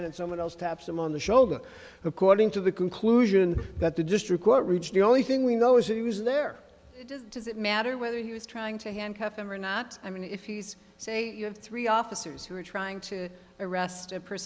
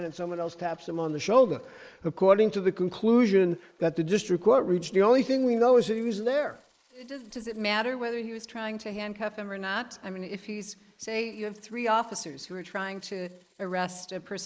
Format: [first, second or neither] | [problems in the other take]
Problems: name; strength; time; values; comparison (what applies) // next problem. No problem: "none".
first | noise reduction (neural mask model Resemble Enhance denoiser)